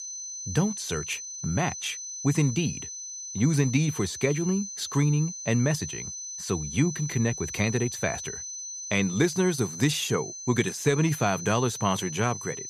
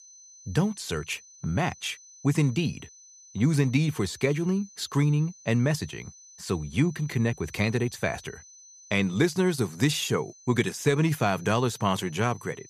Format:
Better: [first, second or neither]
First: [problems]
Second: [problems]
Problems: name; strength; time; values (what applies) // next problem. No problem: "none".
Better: second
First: high-pitched whine; loud; throughout; 6 kHz, 8 dB below the speech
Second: high-pitched whine; faint; throughout; 6 kHz, 20 dB below the speech